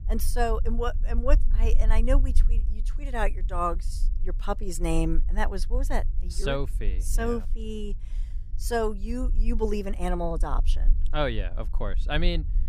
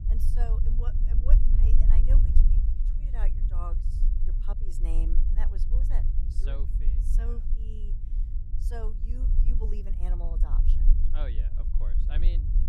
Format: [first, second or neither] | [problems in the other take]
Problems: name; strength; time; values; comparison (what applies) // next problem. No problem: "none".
first | low rumble; loud; throughout; 3 dB below the speech; faint in the first